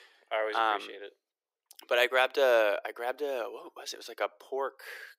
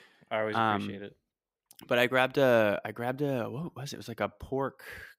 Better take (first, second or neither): second